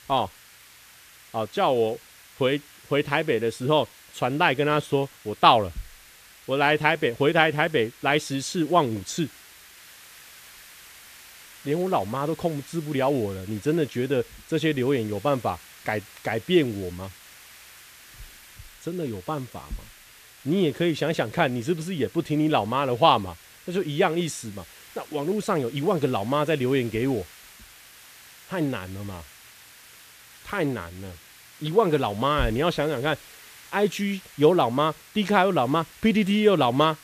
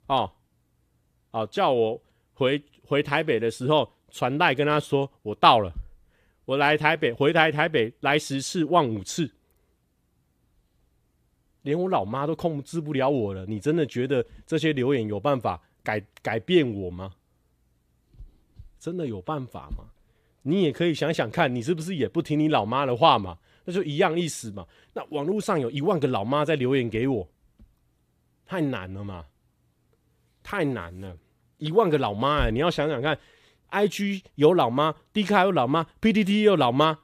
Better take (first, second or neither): second